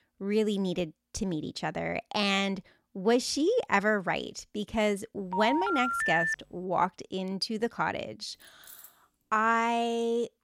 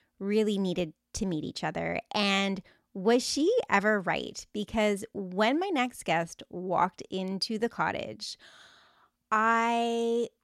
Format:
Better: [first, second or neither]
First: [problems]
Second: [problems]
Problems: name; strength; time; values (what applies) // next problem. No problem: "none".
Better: second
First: phone ringing; loud; from 5.5 to 6.5 s; peak 2 dB above the speech // jangling keys; faint; at 8.5 s; peak 20 dB below the speech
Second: none